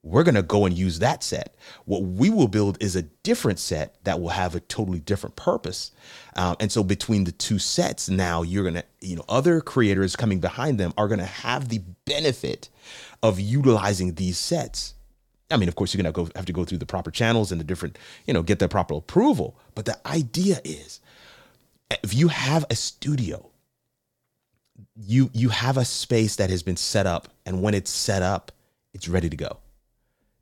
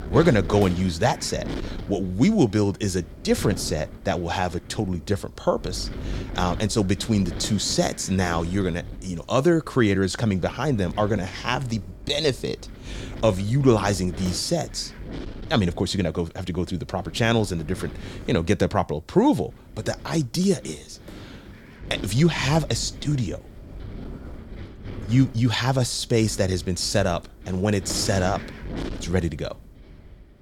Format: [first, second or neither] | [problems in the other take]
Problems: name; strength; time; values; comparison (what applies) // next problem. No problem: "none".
first | wind noise on the microphone; occasional gusts; 15 dB below the speech